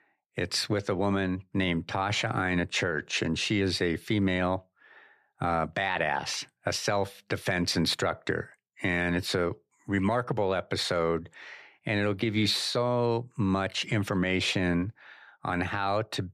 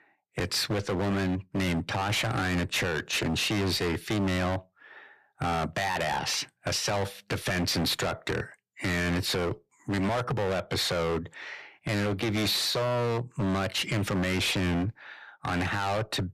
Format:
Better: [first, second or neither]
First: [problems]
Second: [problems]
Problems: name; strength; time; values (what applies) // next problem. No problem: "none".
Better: first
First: none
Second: distortion; heavy; 22% of the sound clipped